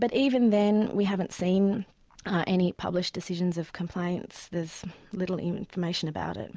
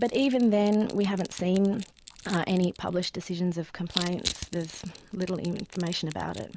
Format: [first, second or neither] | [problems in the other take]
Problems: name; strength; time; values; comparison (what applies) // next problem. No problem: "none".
first | background sound (Crushing); 14 dB below the speech